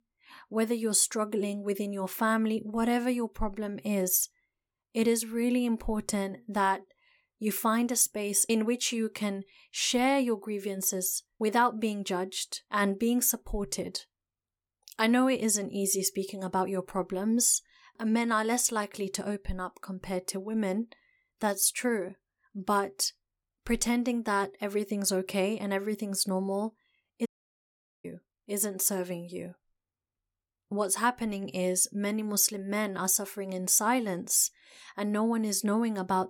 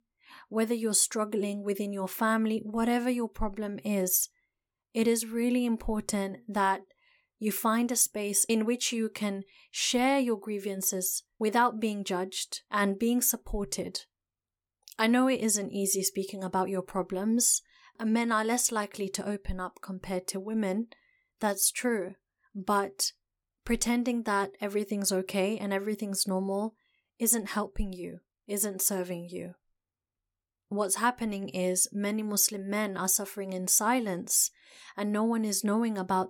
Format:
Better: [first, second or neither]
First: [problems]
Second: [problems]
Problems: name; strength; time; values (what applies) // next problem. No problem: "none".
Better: second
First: audio cutting out; at 27 s for 1 s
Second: none